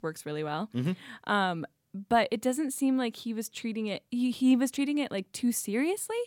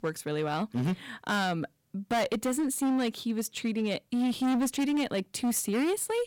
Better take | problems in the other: first | distortion; heavy; 17% of the sound clipped

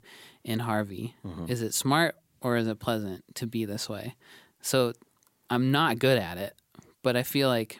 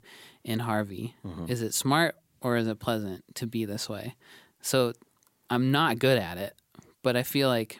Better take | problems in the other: neither | none

